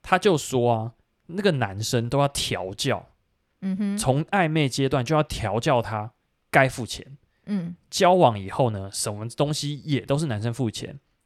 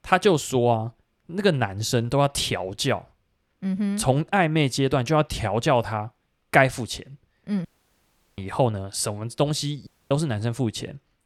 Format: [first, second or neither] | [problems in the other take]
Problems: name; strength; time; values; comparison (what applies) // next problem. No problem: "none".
first | audio cutting out; at 7.5 s for 0.5 s and at 10 s